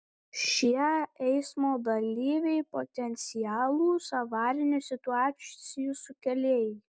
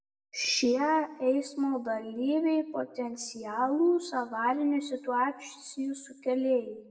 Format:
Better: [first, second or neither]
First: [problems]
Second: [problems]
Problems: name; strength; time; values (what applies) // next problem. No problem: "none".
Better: first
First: none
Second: room echo; dies away in 0.6 s